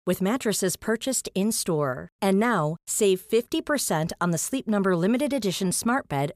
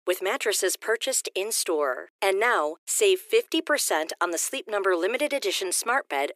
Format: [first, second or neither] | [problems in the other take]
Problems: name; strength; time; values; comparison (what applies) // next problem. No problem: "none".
first | thin; very; fading below 300 Hz